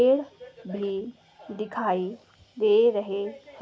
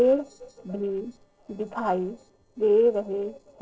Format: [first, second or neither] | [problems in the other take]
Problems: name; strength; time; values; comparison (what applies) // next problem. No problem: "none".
first | noise reduction (neural separator model SepFormer DNS4)